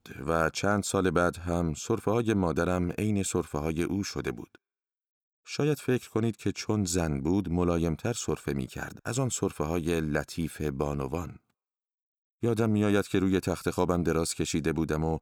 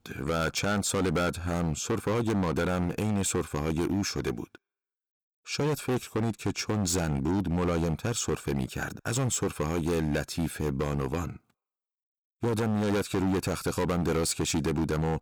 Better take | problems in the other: first | distortion; heavy; 15% of the sound clipped

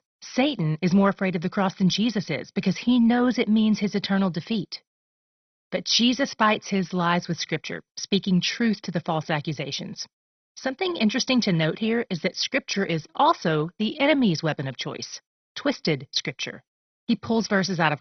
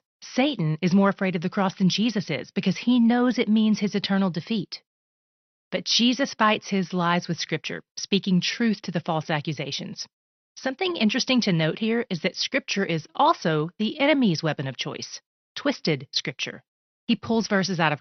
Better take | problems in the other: second | garbled, watery; badly; nothing above 6 kHz; slightly in the second

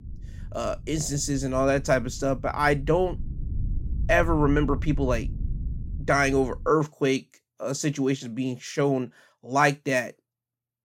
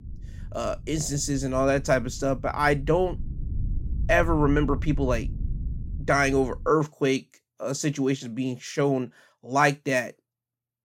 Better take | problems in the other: neither | low rumble; faint; until 6.5 s; 25 dB below the speech; the same in both

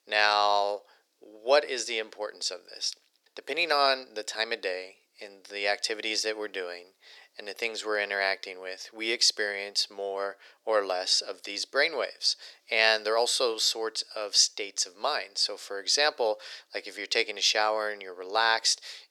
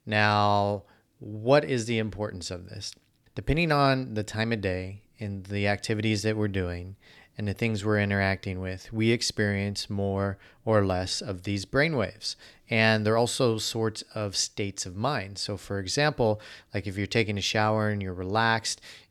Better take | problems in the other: second | thin; very; fading below 450 Hz

